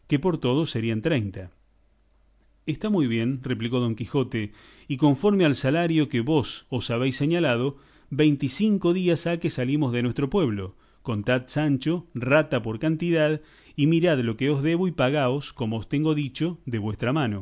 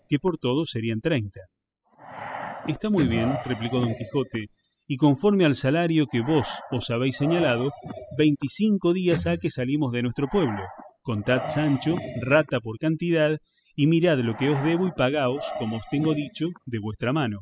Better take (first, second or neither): first